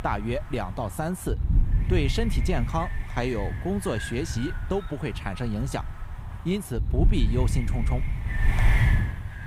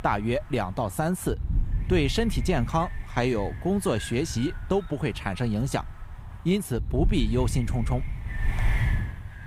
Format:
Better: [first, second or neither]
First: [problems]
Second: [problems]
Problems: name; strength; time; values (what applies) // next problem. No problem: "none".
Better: second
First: wind noise on the microphone; heavy; 5 dB below the speech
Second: wind noise on the microphone; occasional gusts; 10 dB below the speech